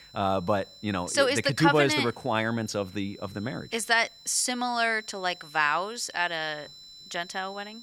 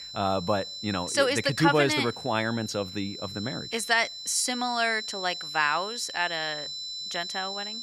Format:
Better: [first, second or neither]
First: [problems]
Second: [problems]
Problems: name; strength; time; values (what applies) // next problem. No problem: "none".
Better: first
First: high-pitched whine; faint; throughout; 4 kHz, 20 dB below the speech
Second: high-pitched whine; loud; throughout; 4 kHz, 8 dB below the speech